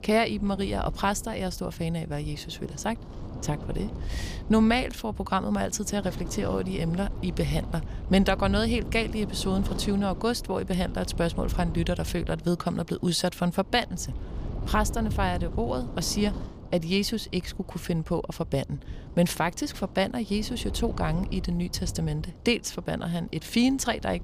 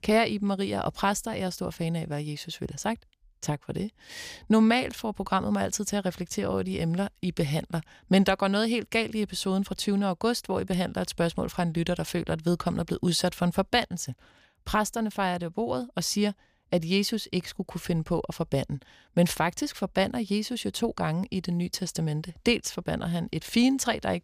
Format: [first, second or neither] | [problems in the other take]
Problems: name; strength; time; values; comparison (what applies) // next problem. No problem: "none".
second | wind noise on the microphone; occasional gusts; 15 dB below the speech